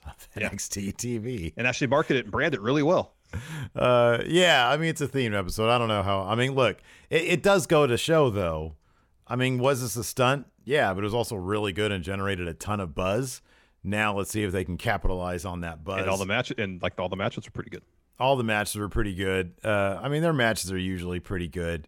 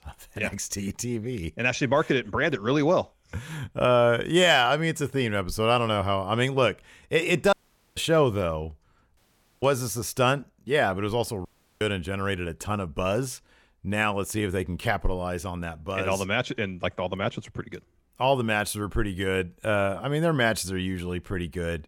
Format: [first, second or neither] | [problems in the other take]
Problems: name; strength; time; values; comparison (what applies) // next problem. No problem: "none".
first | audio cutting out; at 7.5 s, at 9 s and at 11 s